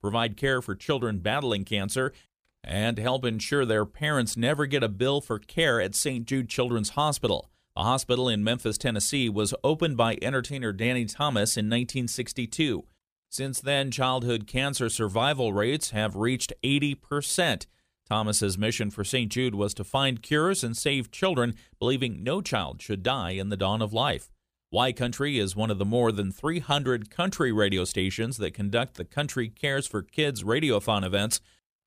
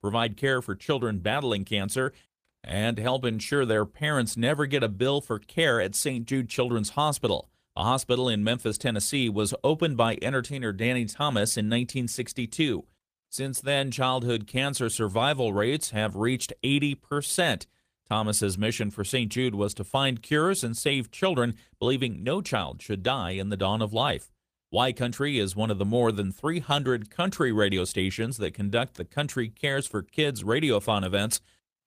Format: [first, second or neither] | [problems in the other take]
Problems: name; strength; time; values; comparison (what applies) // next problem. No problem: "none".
first | garbled, watery; slightly; nothing above 15 kHz